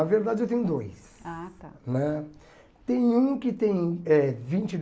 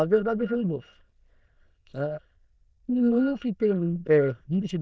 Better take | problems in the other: first | noise reduction (neural diffusion model UNIVERSE++)

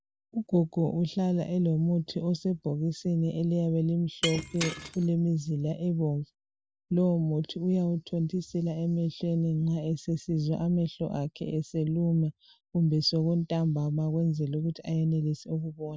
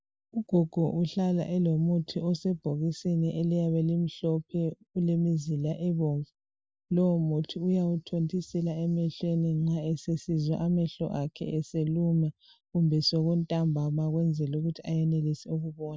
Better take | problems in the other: second | background sound (Shatter); 10 dB below the speech

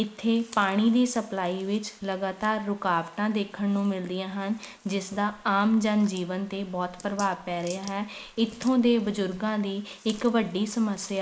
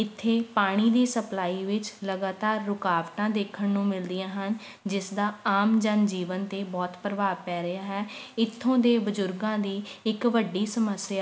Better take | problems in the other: second | noise reduction (neural mask model Resemble Enhance denoiser)

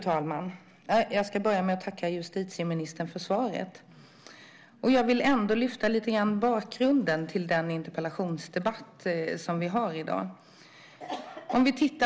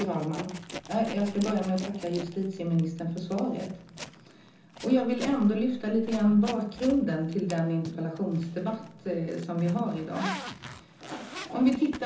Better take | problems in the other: first | background sound (Zipper (clothing)); 15 dB below the speech // room echo; dies away in 0.6 s

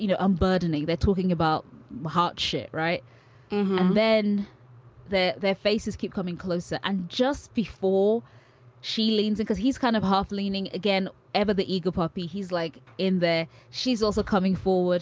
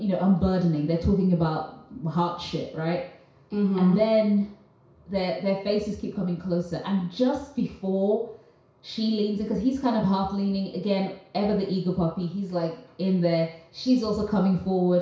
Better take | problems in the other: first | room echo; dies away in 0.6 s

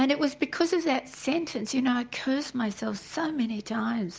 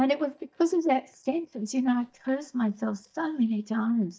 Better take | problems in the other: first | noise reduction (neural mask model DeepFilterNet 3)

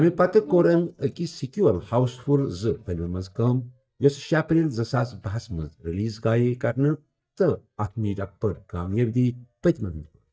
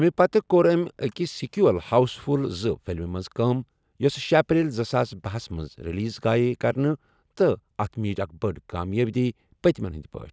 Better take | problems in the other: second | noise reduction (neural mask model DeepFilterNet 3)

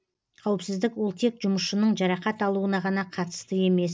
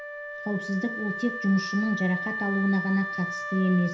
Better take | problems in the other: first | background sound (Wind instrument, woodwind instrument); 6 dB below the speech // room echo; dies away in 0.5 s

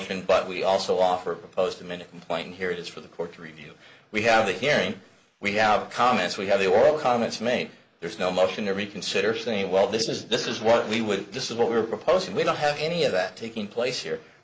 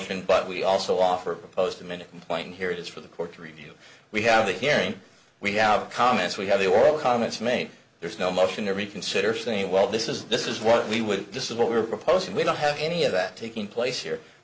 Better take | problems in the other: second | noise reduction (neural mask model Resemble Enhance denoiser)

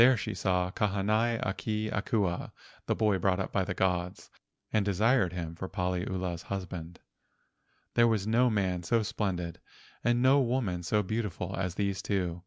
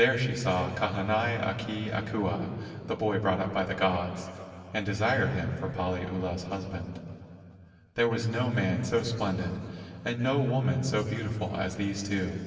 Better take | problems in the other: first | room echo; dies away in 2.6 s

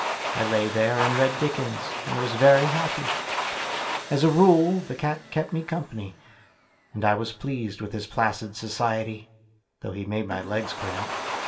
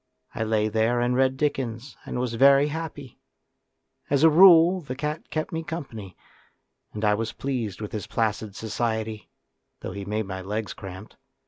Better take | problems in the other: second | background sound (Domestic sounds, home sounds); 7 dB below the speech // room echo; dies away in 0.5 s

